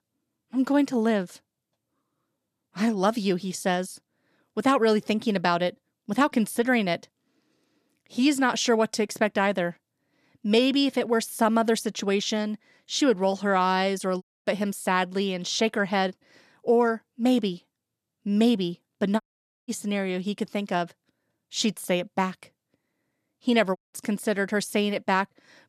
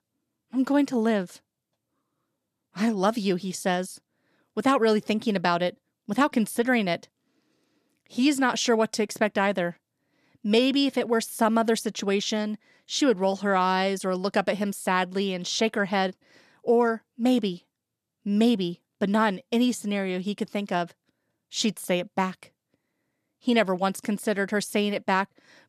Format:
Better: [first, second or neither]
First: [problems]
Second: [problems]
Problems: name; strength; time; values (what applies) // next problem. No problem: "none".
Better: second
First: audio cutting out; at 14 s, at 19 s and at 24 s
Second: none